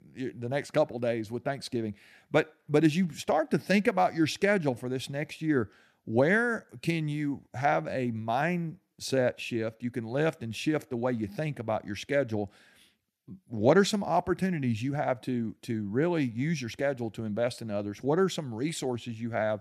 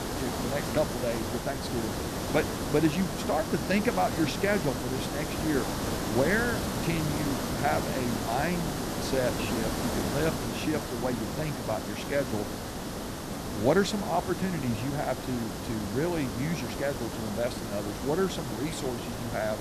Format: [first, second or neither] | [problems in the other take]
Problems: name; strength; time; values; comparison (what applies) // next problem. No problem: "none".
first | hiss; loud; throughout; 2 dB below the speech